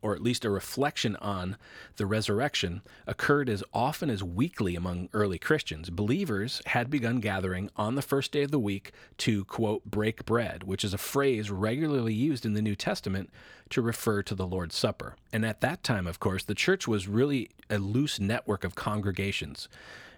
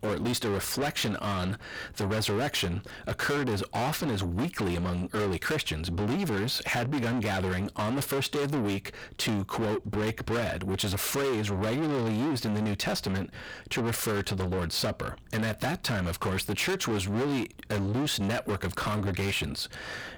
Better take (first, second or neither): first